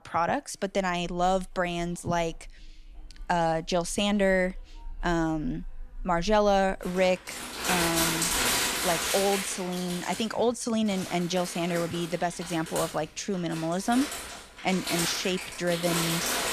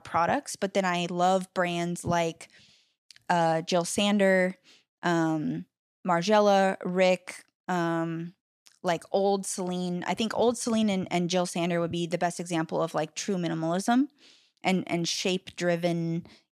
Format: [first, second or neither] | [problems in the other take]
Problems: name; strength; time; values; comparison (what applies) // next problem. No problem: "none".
second | household noises; loud; throughout; 2 dB below the speech